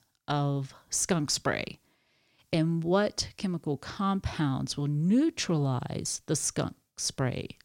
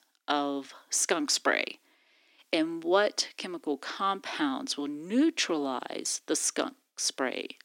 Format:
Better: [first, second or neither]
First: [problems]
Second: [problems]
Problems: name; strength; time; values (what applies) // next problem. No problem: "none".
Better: first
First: none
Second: thin; somewhat; fading below 250 Hz